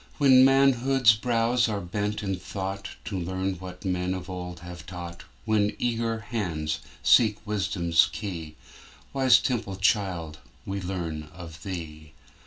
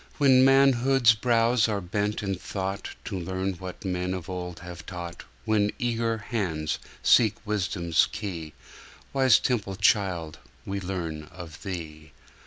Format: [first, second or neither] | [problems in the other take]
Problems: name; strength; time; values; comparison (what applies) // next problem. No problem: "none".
second | room echo; dies away in 0.2 s